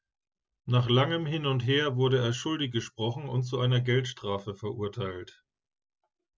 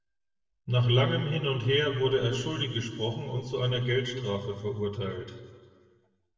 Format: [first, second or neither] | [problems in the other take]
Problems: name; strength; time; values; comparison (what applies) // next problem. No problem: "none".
first | room echo; dies away in 1.6 s